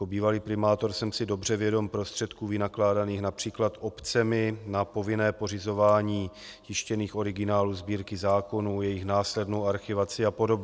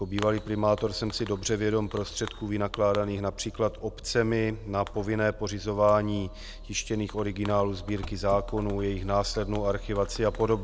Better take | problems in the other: first | background sound (Fireworks); 12 dB below the speech

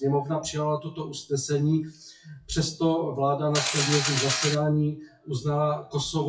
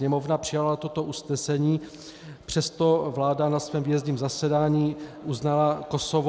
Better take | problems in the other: second | noise reduction (classical method WPE with log-MMSE)

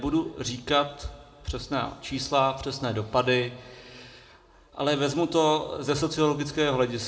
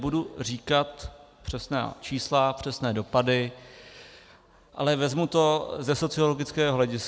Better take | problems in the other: second | room echo; dies away in 1.6 s

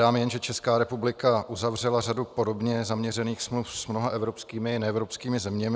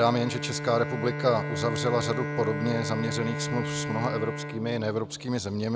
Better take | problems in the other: first | background sound (Bowed string instrument); 5 dB below the speech

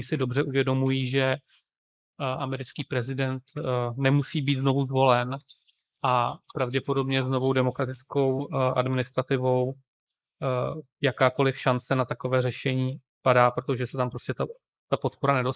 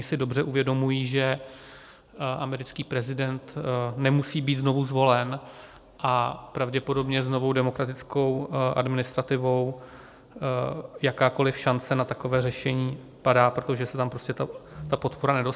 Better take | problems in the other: second | noise reduction (neural mask model Resemble Enhance denoiser)

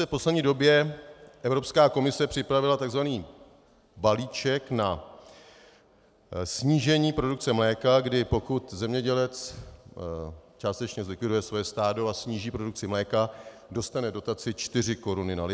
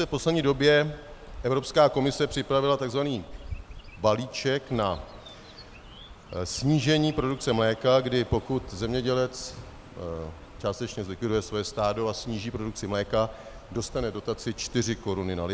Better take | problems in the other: first | background sound (Chirp, tweet); 17 dB below the speech

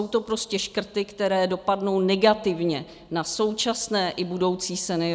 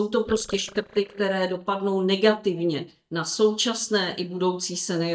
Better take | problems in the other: first | noise reduction (neural mask model DeepFilterNet 3)

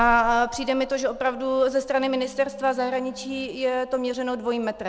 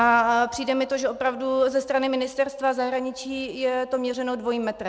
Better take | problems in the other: second | background sound (Telephone); 18 dB below the speech

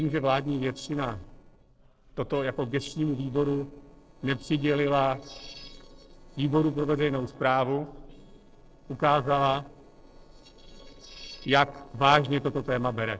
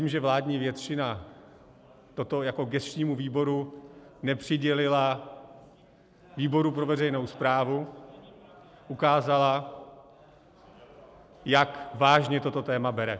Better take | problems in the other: second | noise reduction (neural separator model SepFormer DNS4)

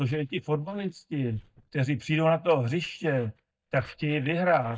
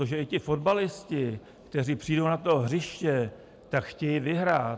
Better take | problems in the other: second | noise reduction (neural mask model DeepFilterNet 3)

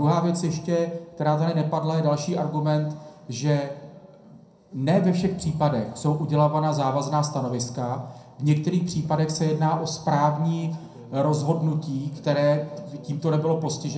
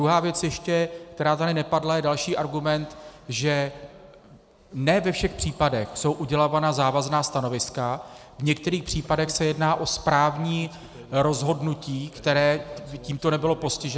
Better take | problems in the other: second | room echo; dies away in 0.5 s

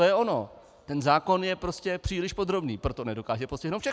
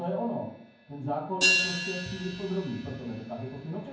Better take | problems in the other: first | background sound (Hi-hat); 1 dB above the speech // room echo; dies away in 0.9 s

